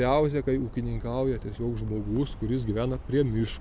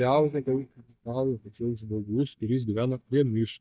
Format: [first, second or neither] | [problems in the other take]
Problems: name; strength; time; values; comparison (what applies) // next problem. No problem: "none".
first | noise reduction (neural mask model DeepFilterNet 3)